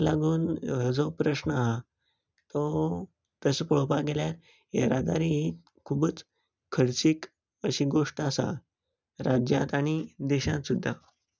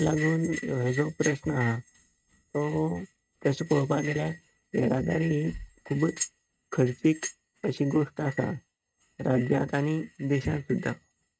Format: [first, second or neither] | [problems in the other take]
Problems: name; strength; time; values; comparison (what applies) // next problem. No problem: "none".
first | noise reduction (neural mask model RNNoise)